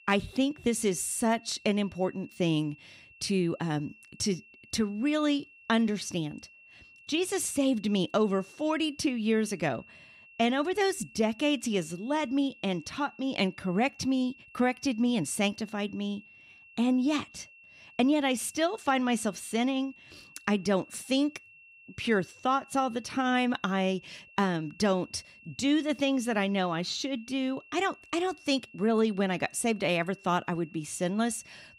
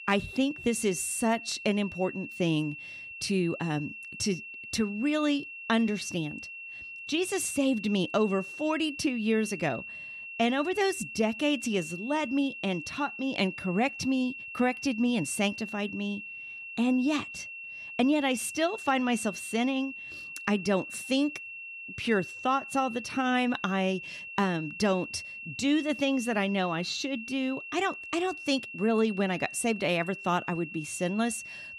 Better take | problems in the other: first | high-pitched whine; loud; throughout; 2.5 kHz, 10 dB below the speech; faint in the first

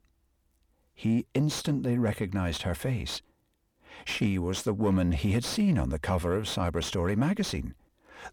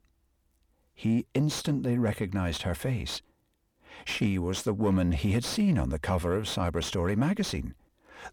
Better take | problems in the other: neither | distortion; slight; 10 dB below the speech; the same in both

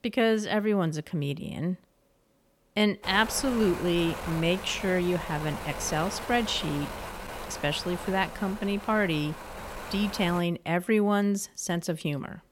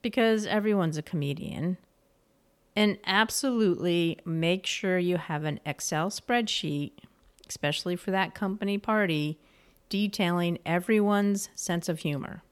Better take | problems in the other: second | wind noise on the microphone; heavy; from 3 to 10 s; 8 dB below the speech

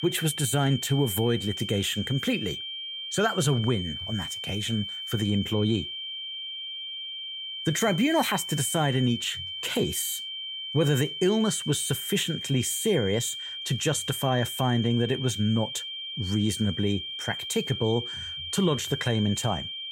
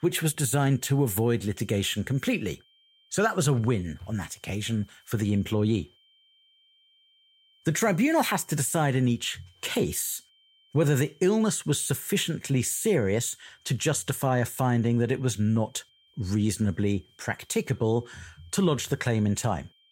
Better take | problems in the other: second | high-pitched whine; loud; throughout; 3 kHz, 6 dB below the speech; faint in the second

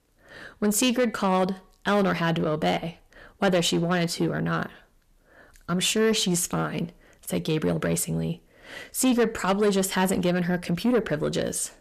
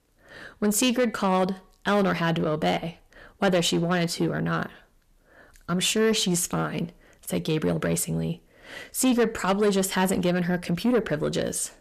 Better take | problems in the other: neither | distortion; slight; 10 dB below the speech; the same in both

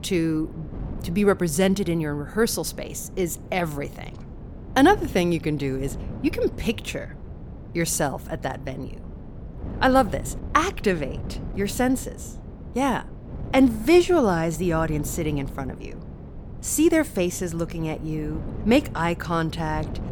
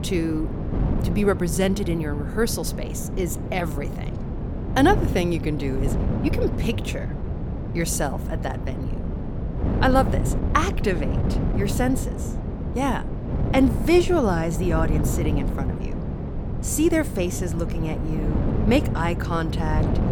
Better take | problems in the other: first | wind noise on the microphone; heavy; 9 dB below the speech; occasional gusts in the first

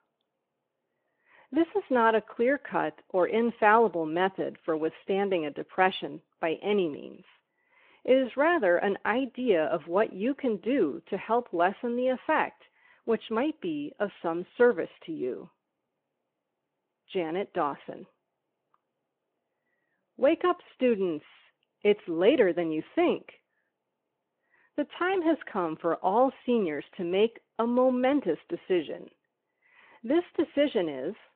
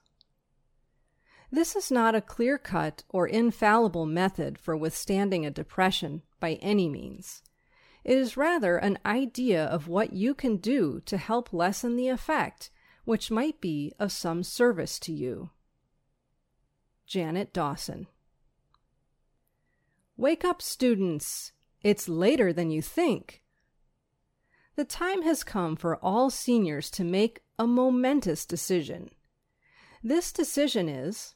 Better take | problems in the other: second | phone-call audio

